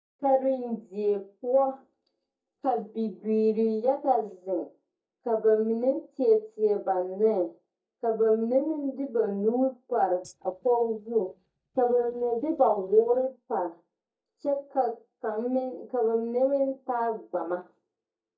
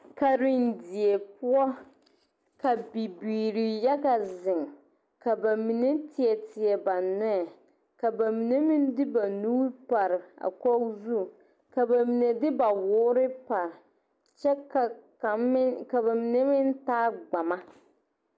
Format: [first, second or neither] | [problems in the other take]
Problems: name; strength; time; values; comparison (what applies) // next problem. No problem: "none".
second | noise reduction (neural mask model DeepFilterNet 3)